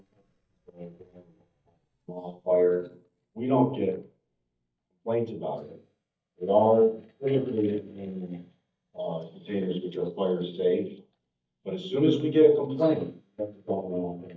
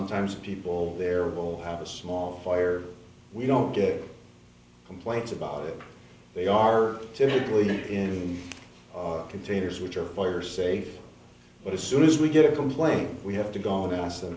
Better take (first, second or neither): second